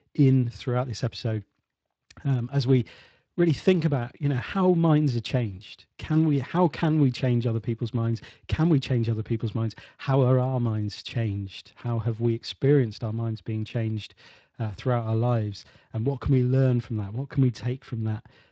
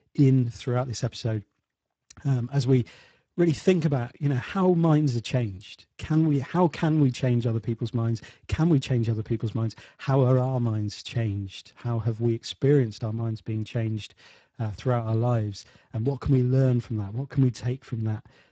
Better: first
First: garbled, watery; slightly; nothing above 8 kHz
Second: garbled, watery; badly; nothing above 8 kHz

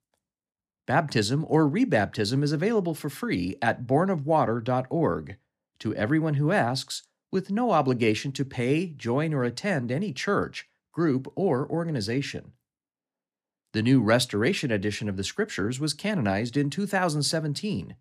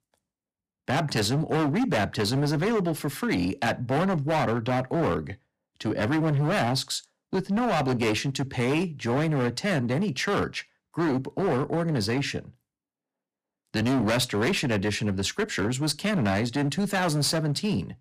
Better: first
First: none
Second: distortion; heavy; 18% of the sound clipped

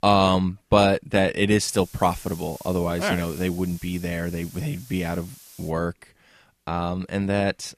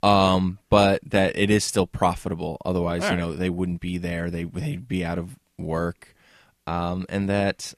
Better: second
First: hiss; noticeable; from 1.5 to 5.5 s; 20 dB below the speech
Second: none

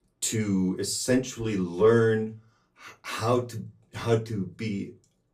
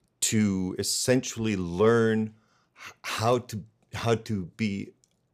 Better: second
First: off-mic speech; far // room echo; very slight; dies away in 0.2 s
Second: none

